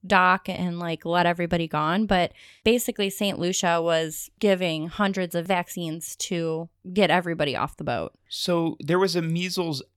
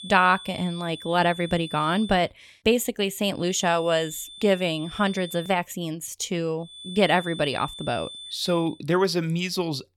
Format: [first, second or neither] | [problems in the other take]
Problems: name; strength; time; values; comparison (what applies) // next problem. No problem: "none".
first | high-pitched whine; noticeable; until 2 s, from 3.5 to 5.5 s and from 6.5 to 8.5 s; 3.5 kHz, 15 dB below the speech